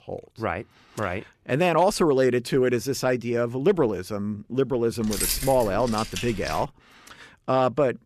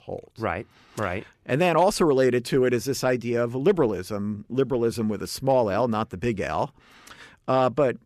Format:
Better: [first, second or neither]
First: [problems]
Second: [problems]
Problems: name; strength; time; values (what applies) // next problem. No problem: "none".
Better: second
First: jangling keys; noticeable; from 5 to 6.5 s; peak 1 dB below the speech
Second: none